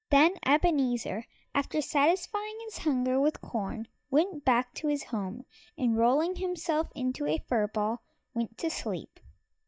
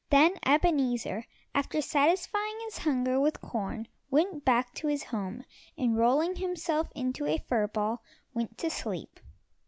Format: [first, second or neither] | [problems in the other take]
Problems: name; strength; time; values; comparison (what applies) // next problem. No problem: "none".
second | noise reduction (neural mask model DeepFilterNet 3)